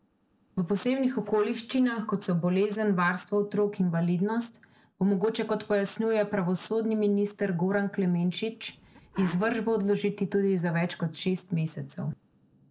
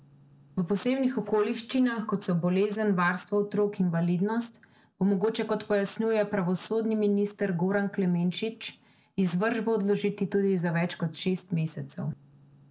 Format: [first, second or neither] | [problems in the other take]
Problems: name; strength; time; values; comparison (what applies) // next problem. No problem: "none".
second | noise reduction (neural mask model Resemble Enhance denoiser)